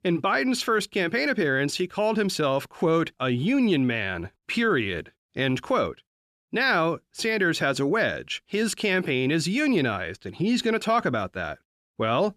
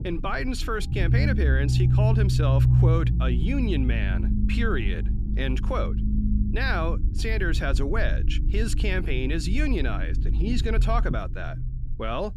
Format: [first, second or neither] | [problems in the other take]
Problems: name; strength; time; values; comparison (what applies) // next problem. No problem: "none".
first | low rumble; loud; throughout; 8 dB below the speech